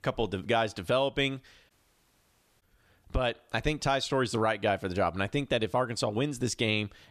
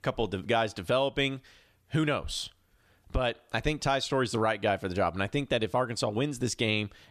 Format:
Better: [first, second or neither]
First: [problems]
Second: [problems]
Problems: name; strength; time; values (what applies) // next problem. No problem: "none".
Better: second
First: audio cutting out; at 1.5 s for 1 s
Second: none